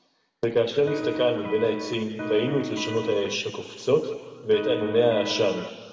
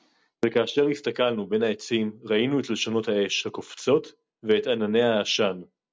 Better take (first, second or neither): second